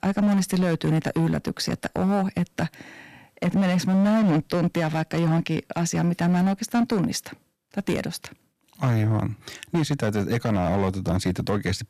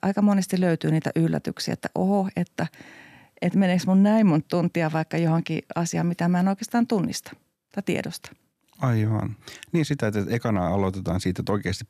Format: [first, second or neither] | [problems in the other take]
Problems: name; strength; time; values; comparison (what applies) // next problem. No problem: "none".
second | distortion; slight; 10% of the sound clipped